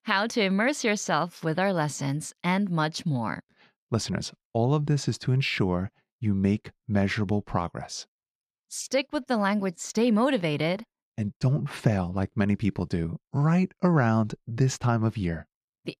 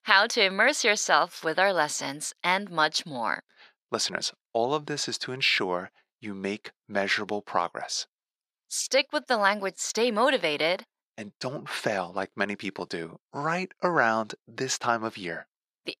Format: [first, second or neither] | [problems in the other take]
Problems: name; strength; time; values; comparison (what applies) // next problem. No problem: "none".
first | thin; very; fading below 500 Hz